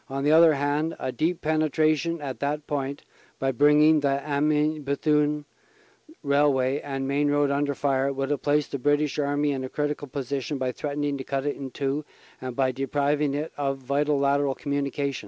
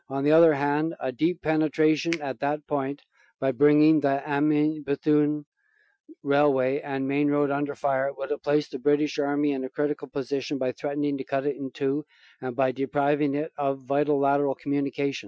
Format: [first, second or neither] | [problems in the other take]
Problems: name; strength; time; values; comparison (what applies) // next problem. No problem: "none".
first | noise reduction (classical method Wiener filter)